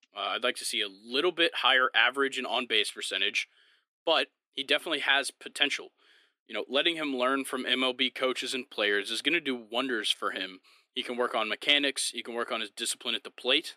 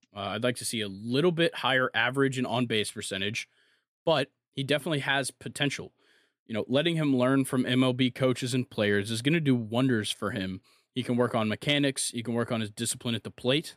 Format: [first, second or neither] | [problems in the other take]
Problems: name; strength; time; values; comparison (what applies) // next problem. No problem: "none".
second | thin; somewhat; fading below 300 Hz